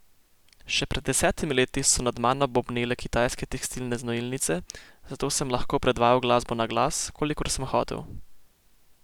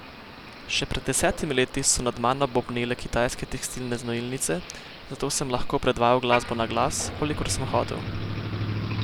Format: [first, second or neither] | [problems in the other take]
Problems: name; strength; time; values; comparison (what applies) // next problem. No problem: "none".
first | background sound (Motor vehicle (road)); 9 dB below the speech